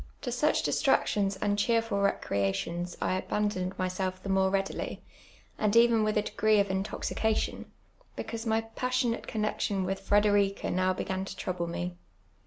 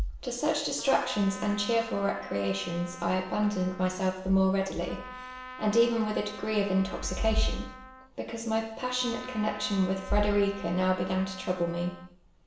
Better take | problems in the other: first | background sound (Trumpet); 16 dB below the speech // room echo; dies away in 0.7 s

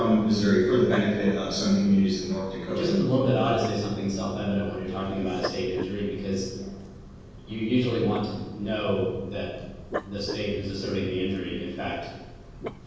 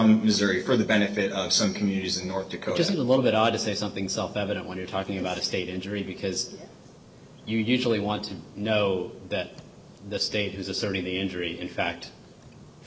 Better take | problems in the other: second | background sound (Dog); 14 dB below the speech // room echo; dies away in 1.3 s

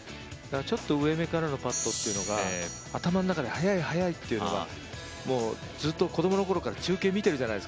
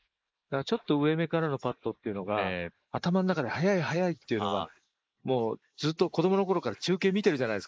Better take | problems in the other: first | noise reduction (neural mask model Resemble Enhance denoiser)

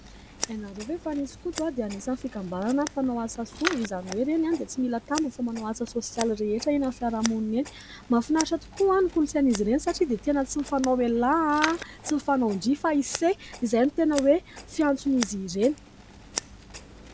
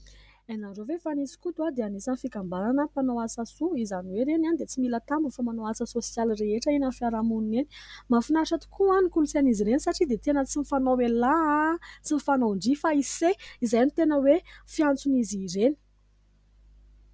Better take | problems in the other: second | background sound (Scissors); 14 dB below the speech

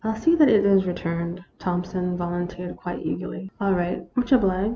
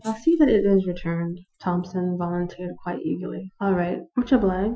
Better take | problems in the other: first | noise reduction (classical method Wiener filter)

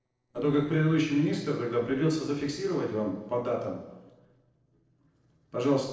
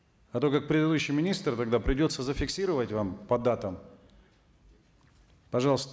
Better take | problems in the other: second | noise reduction (neural separator model SepFormer DNS4)

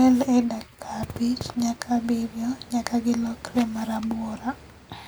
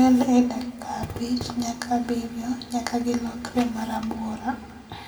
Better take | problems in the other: first | room echo; dies away in 1.5 s

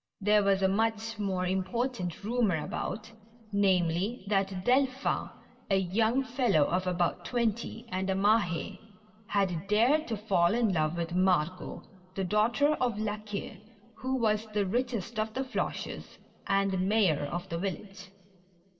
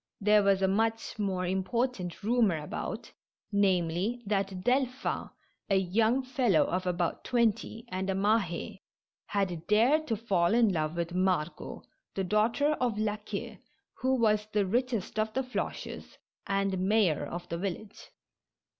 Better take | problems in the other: second | room echo; dies away in 2.2 s

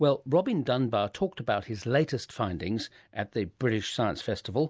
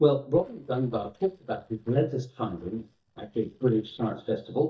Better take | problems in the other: first | noise reduction (neural mask model DeepFilterNet 3)

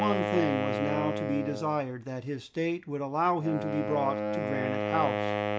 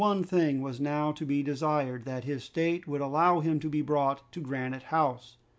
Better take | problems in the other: second | background sound (Wind instrument, woodwind instrument); 2 dB below the speech

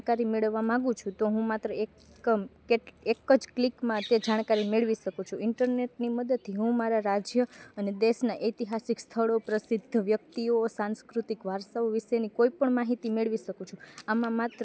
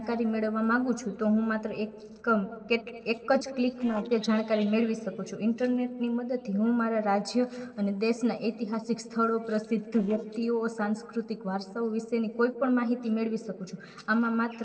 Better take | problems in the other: first | noise reduction (neural separator model SepFormer DNS4)

